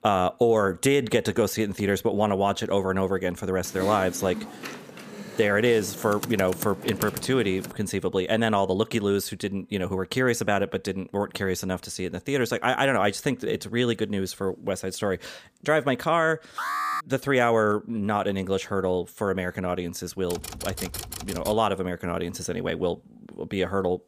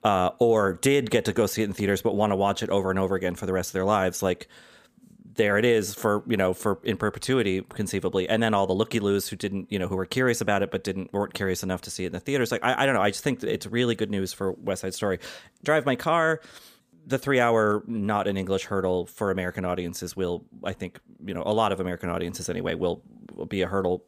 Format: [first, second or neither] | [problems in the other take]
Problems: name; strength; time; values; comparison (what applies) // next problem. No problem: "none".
second | keyboard typing; noticeable; from 3.5 to 7.5 s and from 20 to 22 s; peak 7 dB below the speech // alarm; noticeable; at 17 s; peak 1 dB below the speech